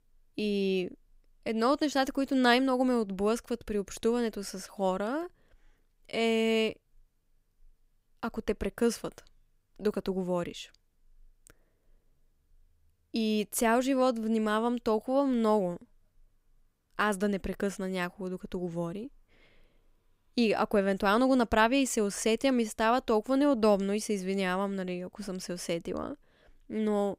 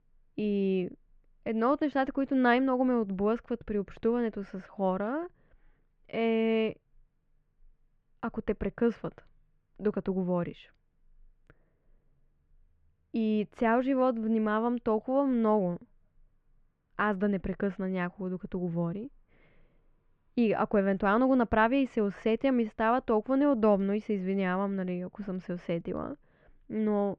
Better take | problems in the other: first | muffled; very; fading above 2.5 kHz

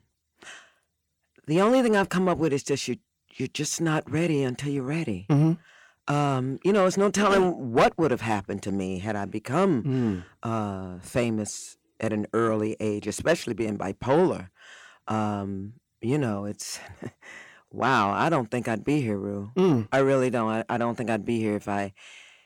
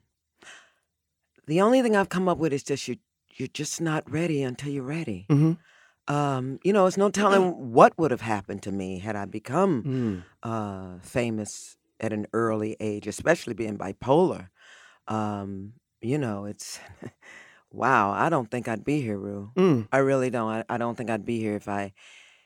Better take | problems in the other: second | distortion; slight; 10 dB below the speech

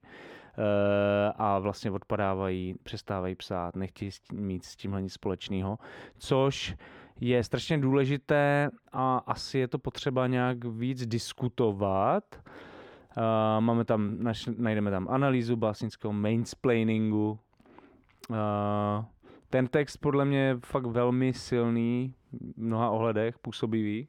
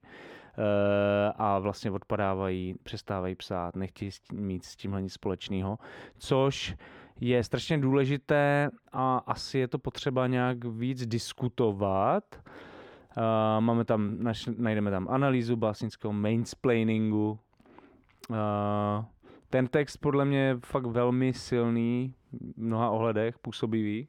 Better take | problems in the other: neither | muffled; slightly; fading above 3.5 kHz; the same in both

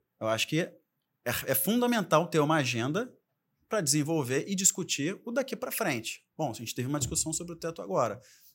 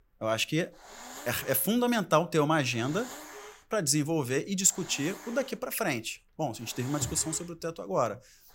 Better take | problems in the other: first | hiss; noticeable; throughout; 15 dB below the speech

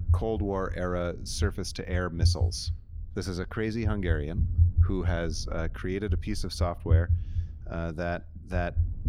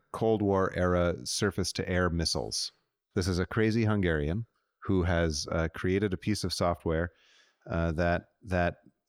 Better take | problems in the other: second | low rumble; noticeable; throughout; 15 dB below the speech

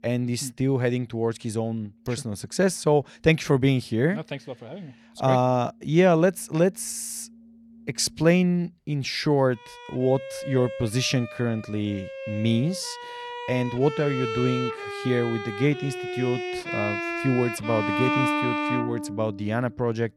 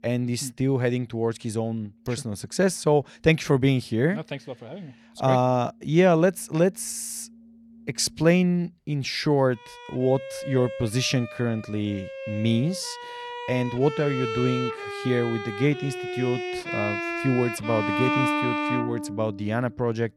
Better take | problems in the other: neither | background music; loud; throughout; 5 dB below the speech; the same in both

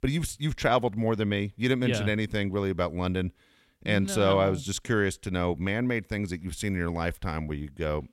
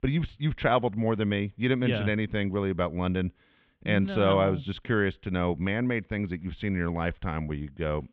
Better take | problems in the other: first | muffled; very; fading above 3 kHz

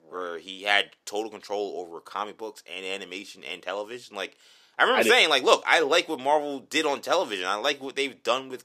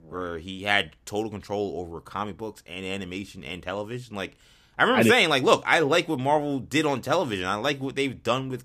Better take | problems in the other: second | thin; somewhat; fading below 450 Hz

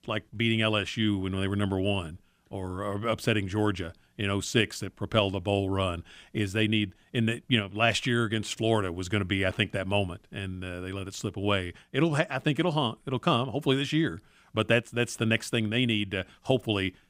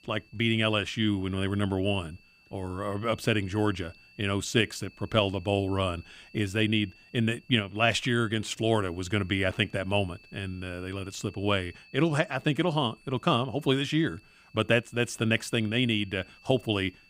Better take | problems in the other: first | high-pitched whine; faint; throughout; 2.5 kHz, 25 dB below the speech

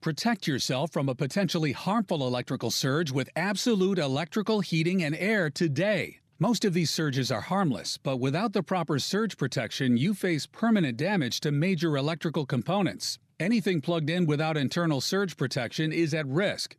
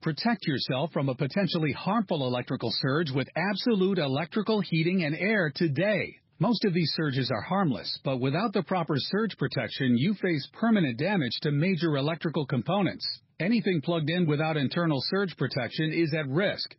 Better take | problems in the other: first | garbled, watery; badly; nothing above 5.5 kHz

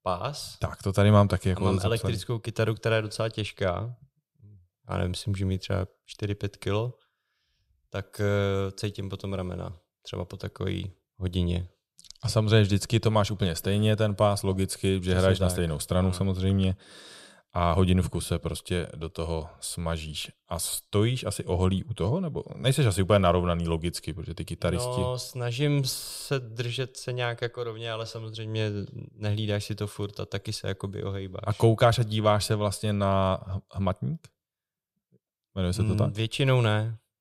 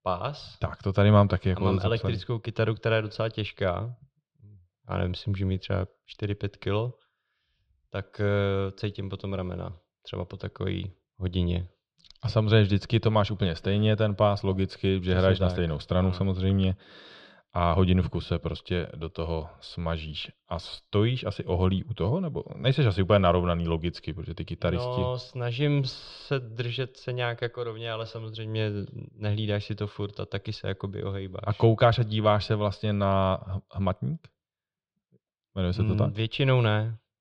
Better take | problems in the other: first | muffled; very slightly; fading above 4 kHz

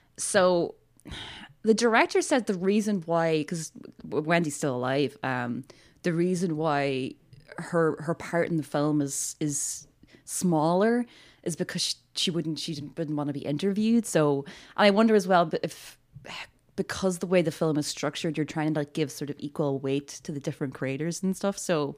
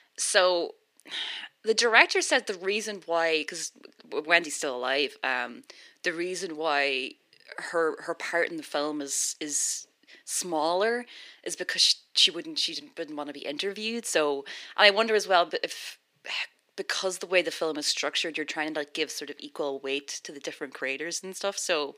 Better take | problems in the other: first | thin; somewhat; fading below 350 Hz

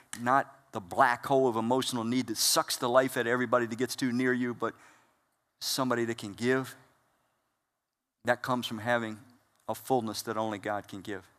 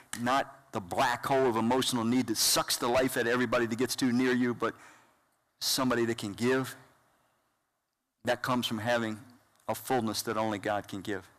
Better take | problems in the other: first | distortion; heavy; 7% of the sound clipped

